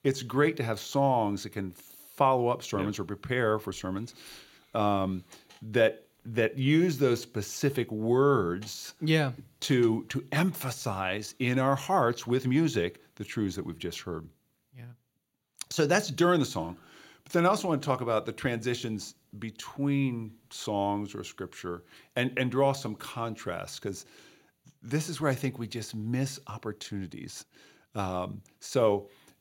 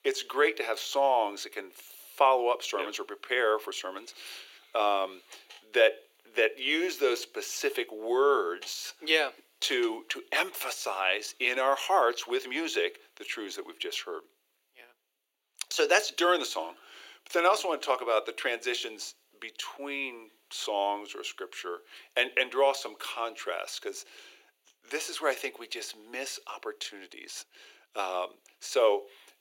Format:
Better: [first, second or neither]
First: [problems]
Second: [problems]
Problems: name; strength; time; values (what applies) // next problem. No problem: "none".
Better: first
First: none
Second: thin; very; fading below 400 Hz